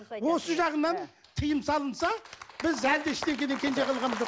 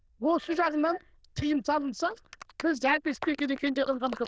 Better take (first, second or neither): first